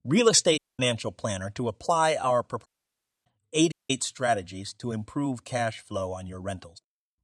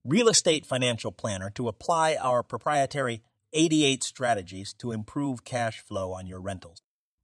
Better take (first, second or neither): second